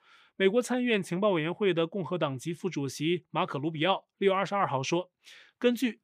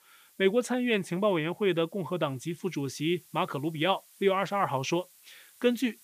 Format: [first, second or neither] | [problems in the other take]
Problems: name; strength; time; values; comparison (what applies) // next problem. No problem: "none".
first | hiss; faint; throughout; 25 dB below the speech